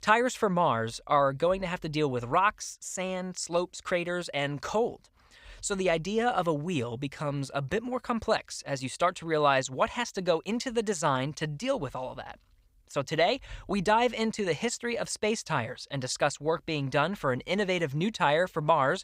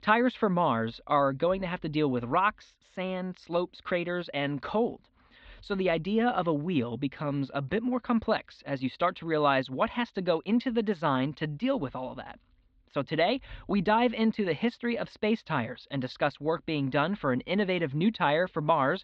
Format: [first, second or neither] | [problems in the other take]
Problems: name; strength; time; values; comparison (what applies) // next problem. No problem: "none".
first | muffled; slightly; fading above 4 kHz